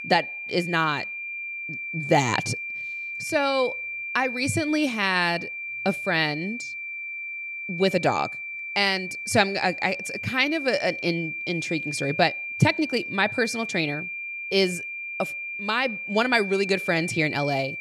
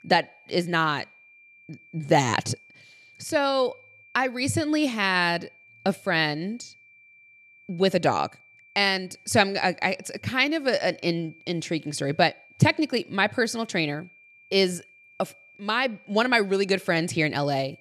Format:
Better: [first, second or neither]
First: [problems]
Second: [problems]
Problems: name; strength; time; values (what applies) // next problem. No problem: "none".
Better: second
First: high-pitched whine; loud; throughout; 2.5 kHz, 6 dB below the speech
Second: high-pitched whine; faint; throughout; 2.5 kHz, 25 dB below the speech